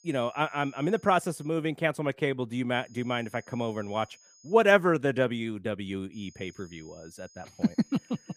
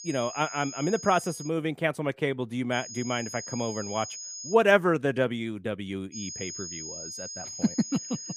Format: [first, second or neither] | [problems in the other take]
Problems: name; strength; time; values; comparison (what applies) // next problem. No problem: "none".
first | high-pitched whine; loud; until 1.5 s, from 2.5 to 4.5 s and from 6 s on; 6.5 kHz, 9 dB below the speech; faint in the first